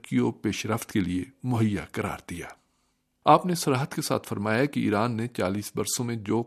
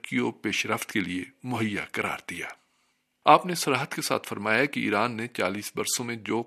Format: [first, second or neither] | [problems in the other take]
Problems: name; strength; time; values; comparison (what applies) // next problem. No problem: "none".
first | thin; very slightly; fading below 600 Hz